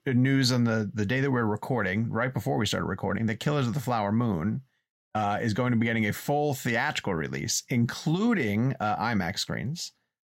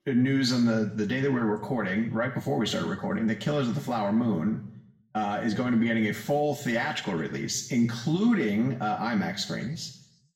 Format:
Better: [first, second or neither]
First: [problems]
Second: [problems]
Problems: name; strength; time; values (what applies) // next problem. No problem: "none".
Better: first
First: none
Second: room echo; slight; dies away in 0.7 s // off-mic speech; far